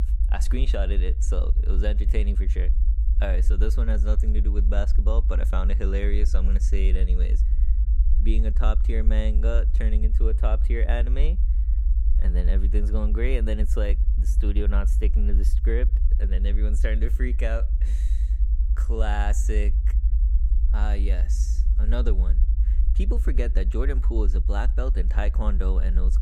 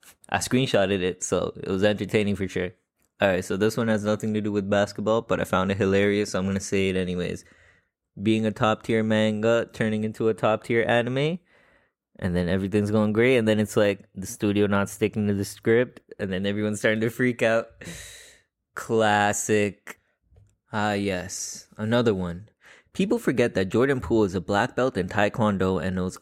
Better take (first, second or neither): second